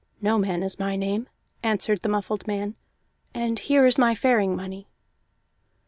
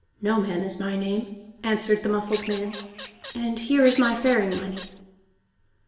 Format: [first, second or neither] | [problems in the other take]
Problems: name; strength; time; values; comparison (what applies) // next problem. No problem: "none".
first | background sound (Bird vocalization, bird call, bird song / Fowl); 15 dB below the speech // room echo; dies away in 0.9 s